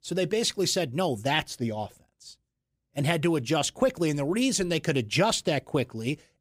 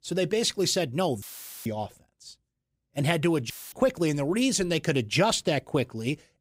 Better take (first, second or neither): first